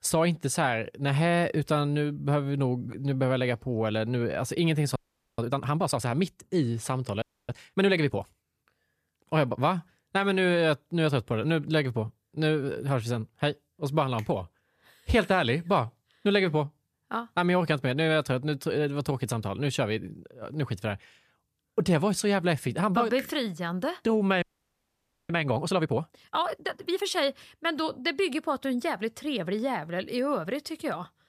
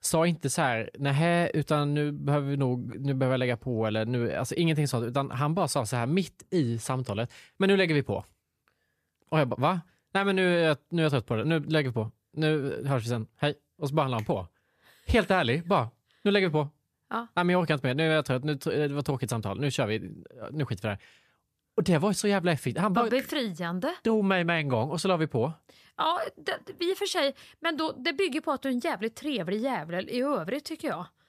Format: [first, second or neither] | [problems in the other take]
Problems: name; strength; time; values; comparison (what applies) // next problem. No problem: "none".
second | audio freezing; at 5 s, at 7 s and at 24 s for 1 s